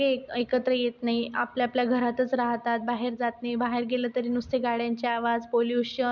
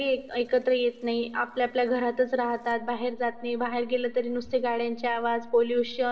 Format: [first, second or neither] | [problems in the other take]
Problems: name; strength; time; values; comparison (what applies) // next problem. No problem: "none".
first | noise reduction (neural separator model SepFormer DNS4)